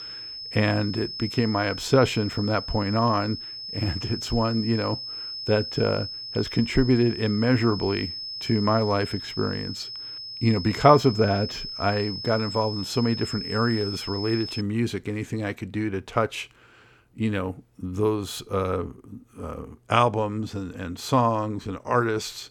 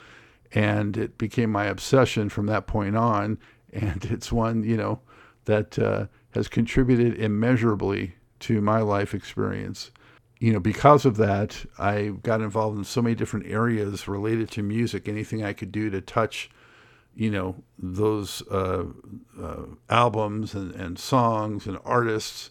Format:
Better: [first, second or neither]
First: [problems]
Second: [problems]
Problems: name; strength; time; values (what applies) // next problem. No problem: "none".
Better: second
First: high-pitched whine; loud; until 15 s; 5 kHz, 8 dB below the speech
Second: none